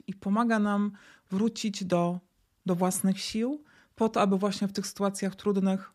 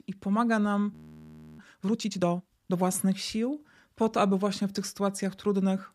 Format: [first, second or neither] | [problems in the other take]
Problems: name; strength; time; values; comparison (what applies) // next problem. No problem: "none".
first | audio freezing; at 1 s for 0.5 s